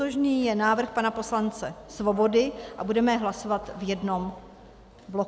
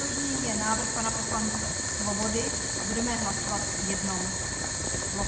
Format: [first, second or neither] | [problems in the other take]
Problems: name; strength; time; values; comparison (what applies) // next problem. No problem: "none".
first | background sound (Boiling); 4 dB above the speech // room echo; dies away in 1.4 s